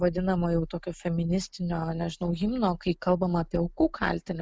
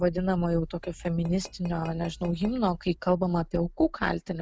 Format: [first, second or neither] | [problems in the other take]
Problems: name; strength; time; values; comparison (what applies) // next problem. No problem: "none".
first | background sound (Tap / Glass); 19 dB below the speech